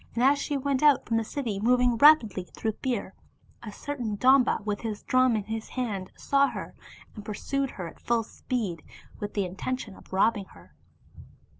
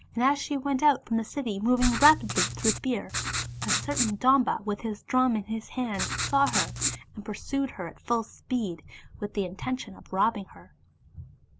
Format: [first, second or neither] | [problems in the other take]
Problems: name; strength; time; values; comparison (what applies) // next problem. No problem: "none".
first | background sound (Writing); 3 dB below the speech